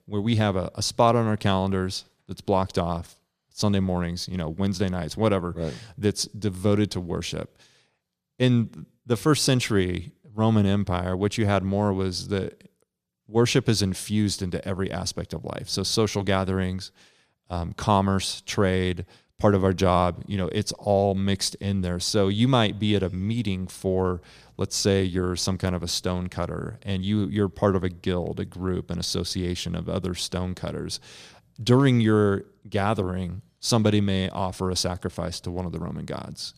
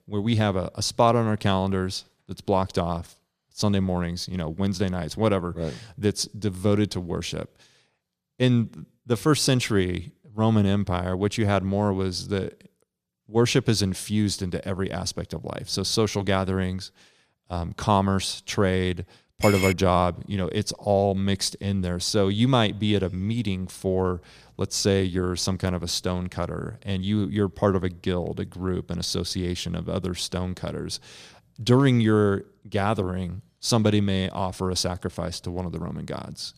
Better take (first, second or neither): first